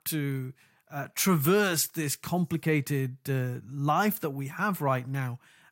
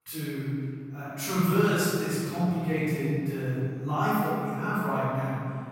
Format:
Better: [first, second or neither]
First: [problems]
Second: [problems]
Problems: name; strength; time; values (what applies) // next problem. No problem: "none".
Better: first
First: none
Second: off-mic speech; far // room echo; strong; dies away in 2.3 s